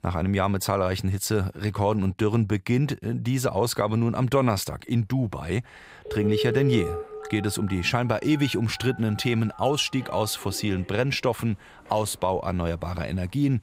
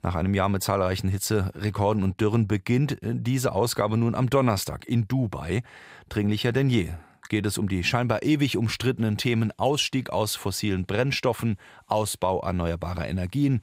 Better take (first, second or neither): second